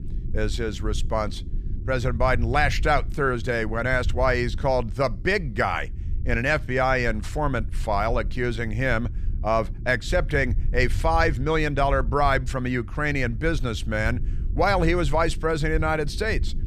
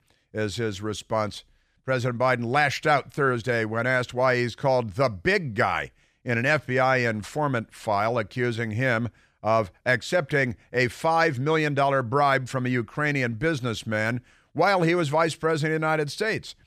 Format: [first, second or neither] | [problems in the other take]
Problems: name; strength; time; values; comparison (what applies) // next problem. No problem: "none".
second | low rumble; faint; throughout; 25 dB below the speech